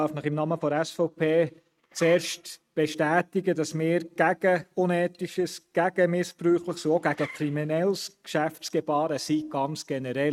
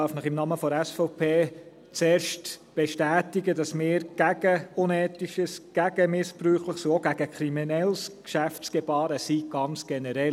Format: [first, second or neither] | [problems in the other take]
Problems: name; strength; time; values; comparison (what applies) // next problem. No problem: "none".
second | noise reduction (neural mask model RNNoise)